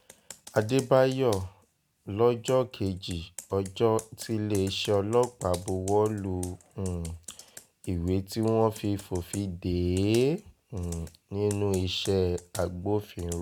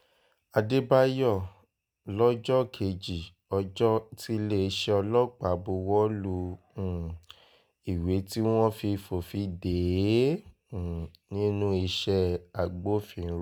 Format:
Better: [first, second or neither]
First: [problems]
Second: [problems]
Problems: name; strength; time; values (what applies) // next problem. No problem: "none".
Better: second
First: background sound (Computer keyboard); 20 dB below the speech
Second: none